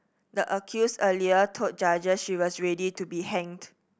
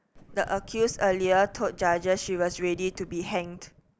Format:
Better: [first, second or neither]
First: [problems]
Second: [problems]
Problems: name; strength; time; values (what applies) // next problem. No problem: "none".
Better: first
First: none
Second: background sound (Engine starting / Car); 19 dB below the speech